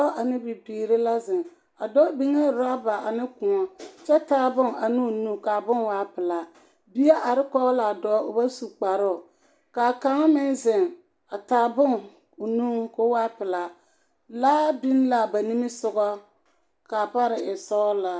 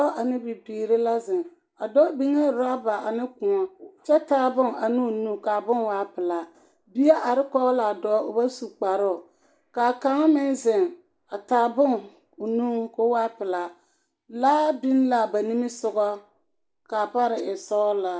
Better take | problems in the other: first | noise reduction (neural mask model Resemble Enhance denoiser)

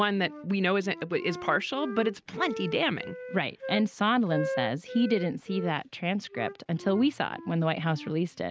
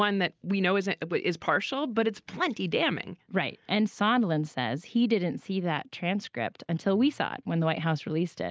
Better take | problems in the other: second | background sound (Wind instrument, woodwind instrument); 11 dB below the speech

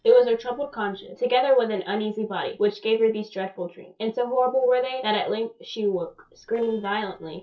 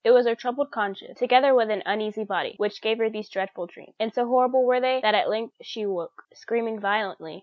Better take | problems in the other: second | noise reduction (neural separator model SepFormer DNS4)

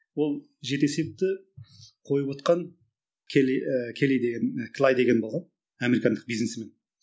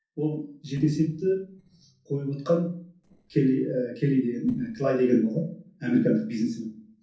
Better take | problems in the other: first | noise reduction (neural separator model SepFormer DNS4)

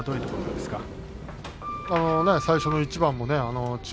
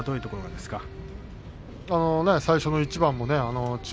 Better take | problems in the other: second | background sound (Sliding door); 7 dB below the speech

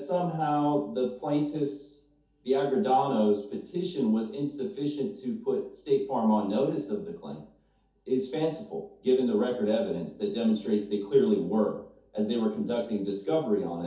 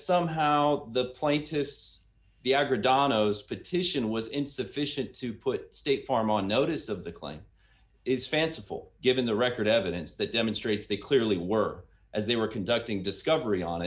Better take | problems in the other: second | room echo; dies away in 0.5 s

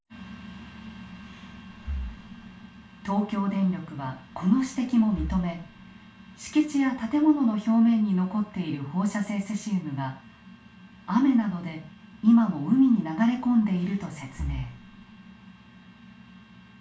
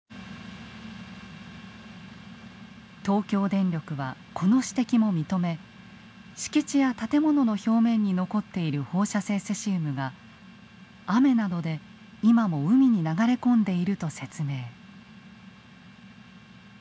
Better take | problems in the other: second | background sound (Breathing); 14 dB below the speech // room echo; dies away in 0.3 s

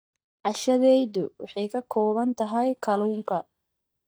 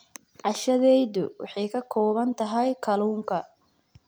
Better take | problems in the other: second | noise reduction (neural mask model DeepFilterNet 3)

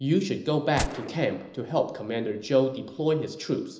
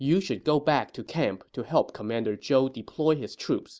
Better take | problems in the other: second | background sound (Gunshot, gunfire); 12 dB below the speech // room echo; dies away in 0.8 s

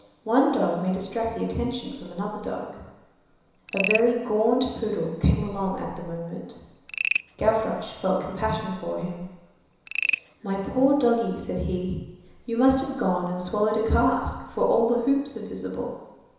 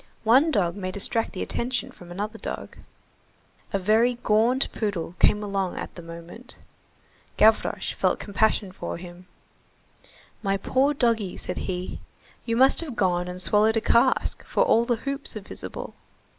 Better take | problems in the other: second | background sound (Frog); 8 dB below the speech // room echo; dies away in 1 s

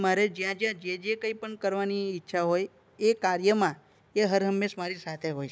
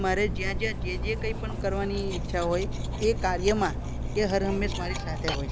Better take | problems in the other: first | background sound (Cutlery, silverware); 1 dB below the speech

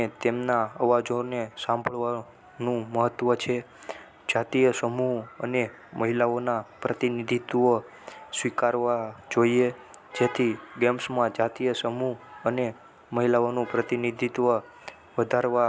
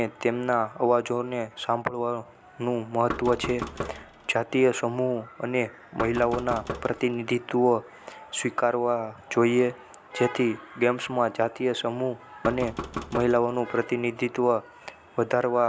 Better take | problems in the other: first | background sound (Knock); 11 dB below the speech

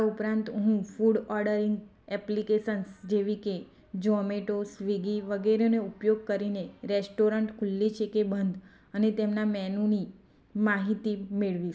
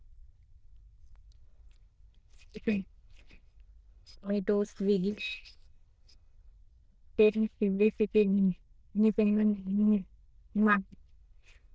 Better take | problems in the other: first | noise reduction (neural diffusion model UNIVERSE++)

